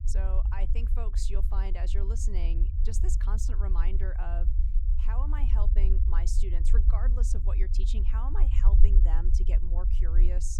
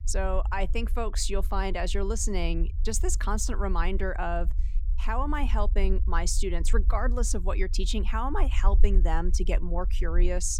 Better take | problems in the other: second | low rumble; loud; throughout; 6 dB below the speech; faint in the second

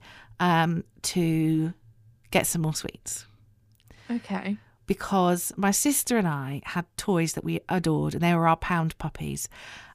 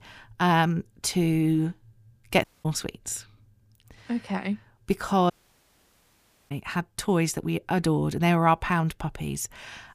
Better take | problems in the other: first | audio cutting out; at 2.5 s and at 5.5 s for 1 s

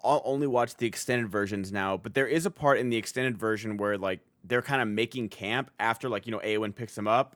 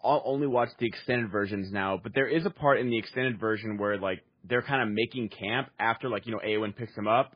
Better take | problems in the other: first | garbled, watery; badly

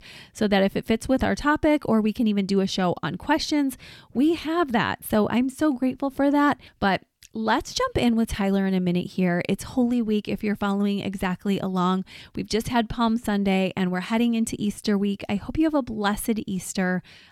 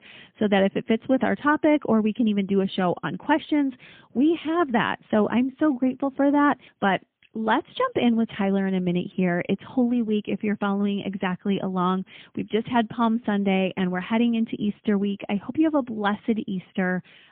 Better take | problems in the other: first | phone-call audio; poor line

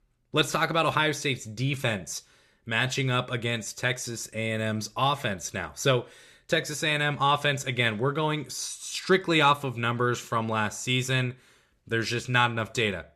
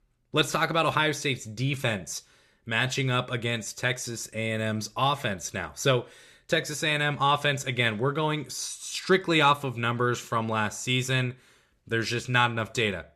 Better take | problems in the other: neither | none

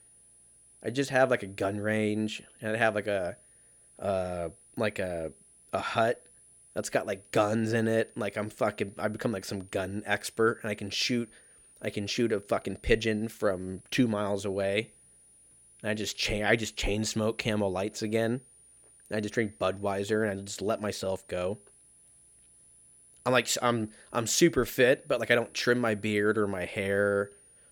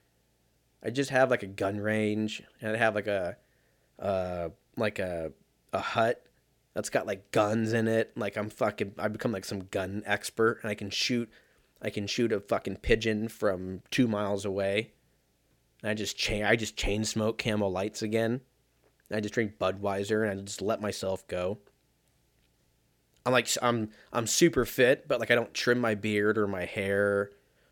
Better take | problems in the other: second | high-pitched whine; faint; throughout; 10 kHz, 25 dB below the speech

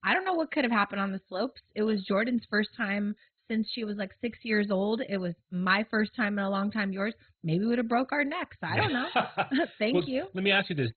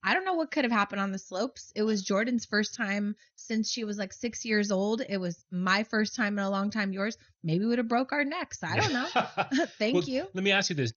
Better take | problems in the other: second | garbled, watery; badly; nothing above 4 kHz; slightly in the second

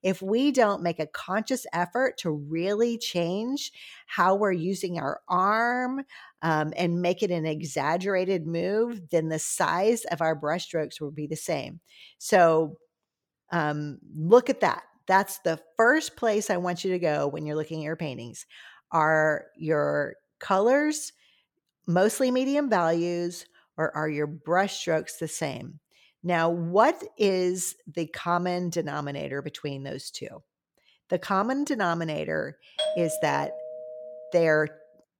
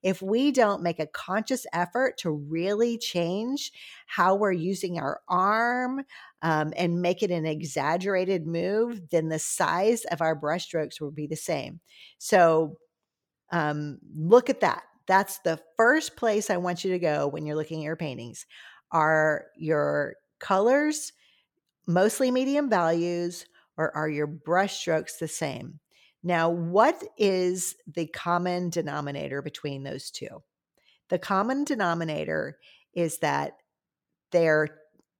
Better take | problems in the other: second | doorbell; noticeable; from 33 to 34 s; peak 2 dB below the speech

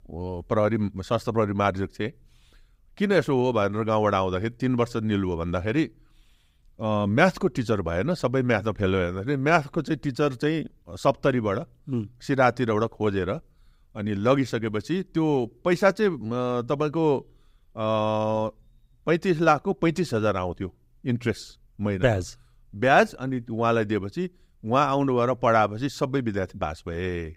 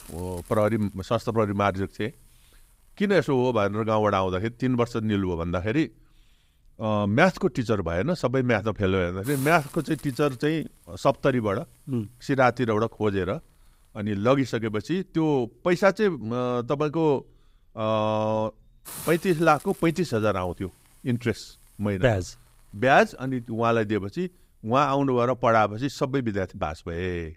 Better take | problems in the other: first | hiss; faint; throughout; 20 dB below the speech

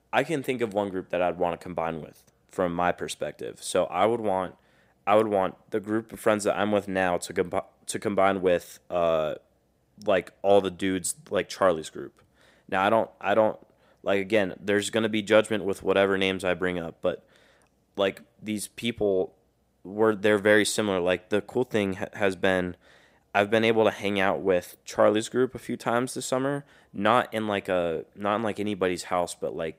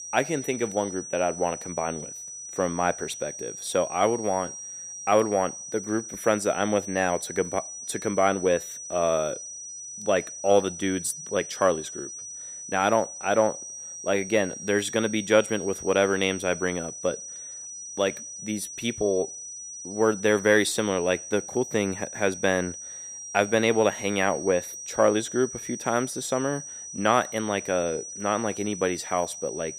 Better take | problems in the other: first | high-pitched whine; loud; throughout; 6 kHz, 10 dB below the speech

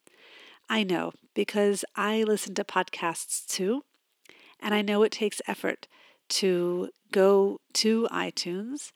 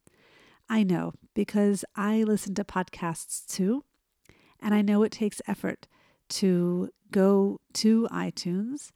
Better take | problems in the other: second | thin; somewhat; fading below 400 Hz

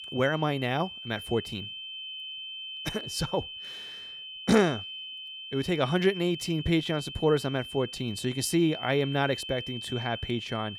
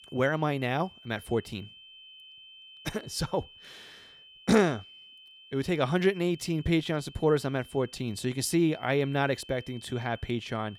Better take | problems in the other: second | high-pitched whine; loud; throughout; 3 kHz, 9 dB below the speech; faint in the second

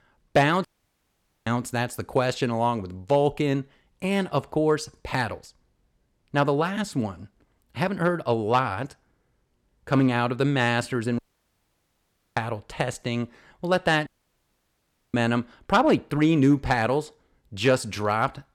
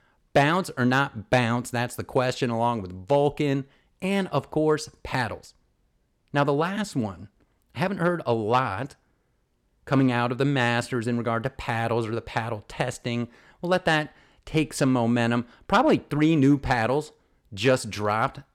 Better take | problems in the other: second | audio cutting out; at 0.5 s for 1 s, at 11 s for 1 s and at 14 s for 1 s

